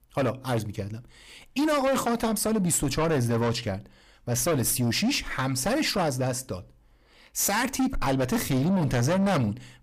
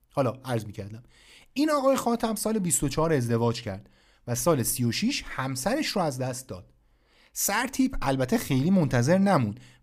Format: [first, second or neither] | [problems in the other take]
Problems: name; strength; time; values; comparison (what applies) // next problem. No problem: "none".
second | distortion; heavy; 7 dB below the speech